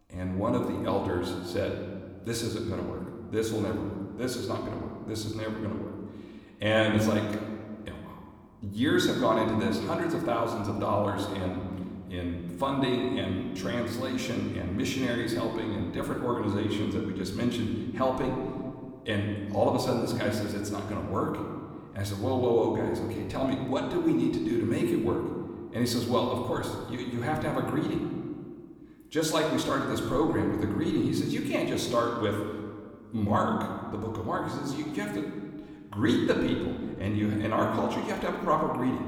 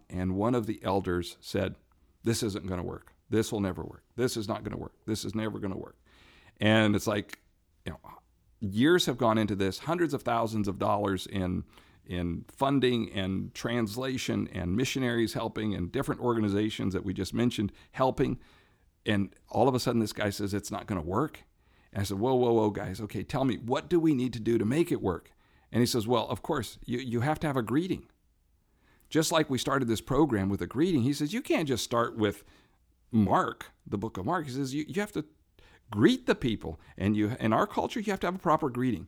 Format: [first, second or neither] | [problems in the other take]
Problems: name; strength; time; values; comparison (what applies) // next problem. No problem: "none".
second | room echo; noticeable; dies away in 1.5 s // off-mic speech; somewhat distant